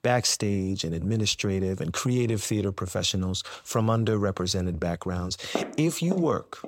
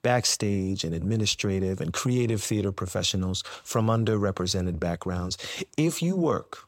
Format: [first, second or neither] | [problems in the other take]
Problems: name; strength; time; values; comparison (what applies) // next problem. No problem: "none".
second | footsteps; noticeable; from 5.5 s on; peak 6 dB below the speech